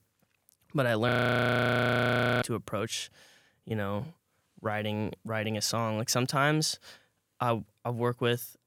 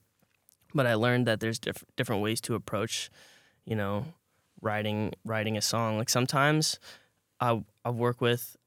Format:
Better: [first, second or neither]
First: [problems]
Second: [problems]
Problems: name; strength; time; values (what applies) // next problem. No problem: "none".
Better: second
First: audio freezing; at 1 s for 1.5 s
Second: none